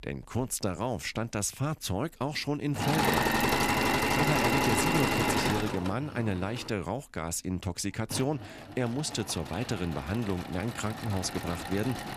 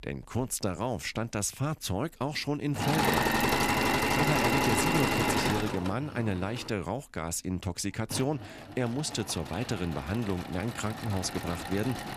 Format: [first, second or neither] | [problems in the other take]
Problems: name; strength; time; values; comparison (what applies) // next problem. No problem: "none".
neither | machinery noise; very loud; throughout; 4 dB above the speech; the same in both